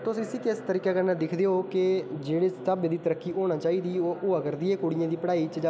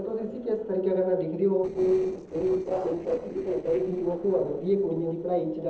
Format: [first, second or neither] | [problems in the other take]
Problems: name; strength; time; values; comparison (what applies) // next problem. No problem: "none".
first | noise reduction (neural separator model SepFormer DNS4)